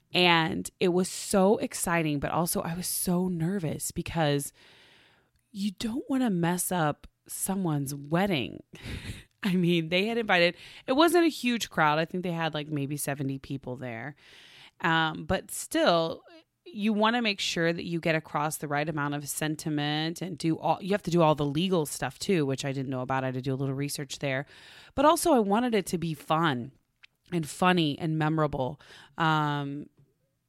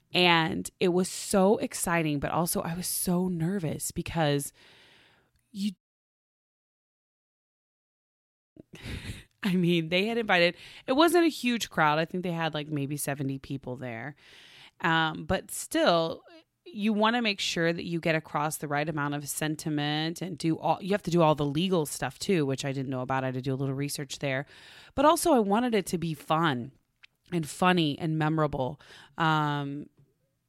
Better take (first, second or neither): first